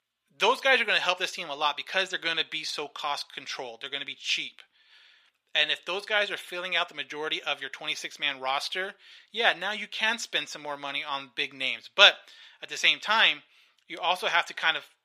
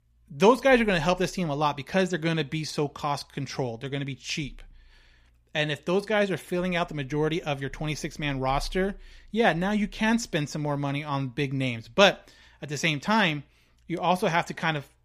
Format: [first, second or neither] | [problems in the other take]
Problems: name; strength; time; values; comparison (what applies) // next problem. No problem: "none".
second | thin; very; fading below 600 Hz